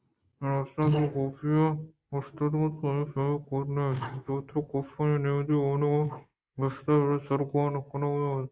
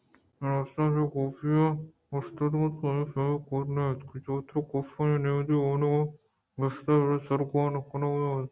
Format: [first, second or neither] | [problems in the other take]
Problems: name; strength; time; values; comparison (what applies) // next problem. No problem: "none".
second | noise reduction (neural mask model Resemble Enhance denoiser)